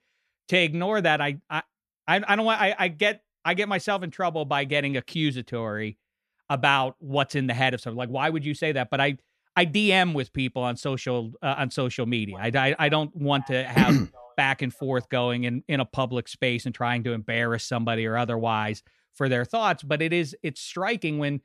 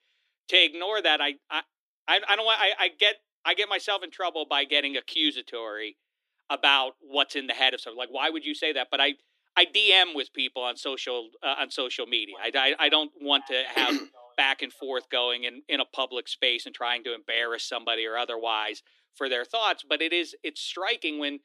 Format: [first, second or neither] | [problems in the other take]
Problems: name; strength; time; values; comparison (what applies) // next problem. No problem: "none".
first | thin; somewhat; fading below 300 Hz